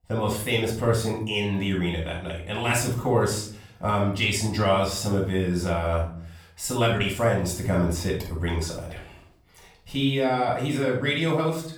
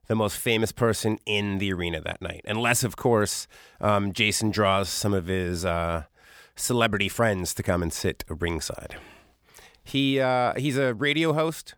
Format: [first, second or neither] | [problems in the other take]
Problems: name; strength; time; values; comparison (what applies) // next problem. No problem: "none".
second | off-mic speech; far // room echo; noticeable; dies away in 0.5 s